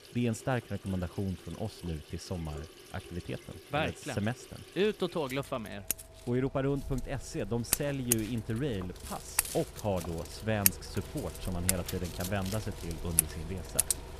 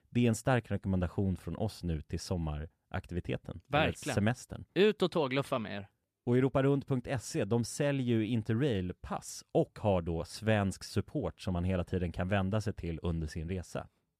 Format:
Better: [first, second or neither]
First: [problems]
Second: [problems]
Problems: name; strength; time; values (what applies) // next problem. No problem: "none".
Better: second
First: household noises; very loud; throughout; 2 dB above the speech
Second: none